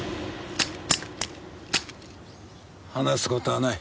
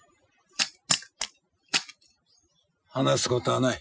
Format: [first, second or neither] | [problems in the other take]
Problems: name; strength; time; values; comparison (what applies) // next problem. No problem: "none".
first | noise reduction (classical method Wiener filter)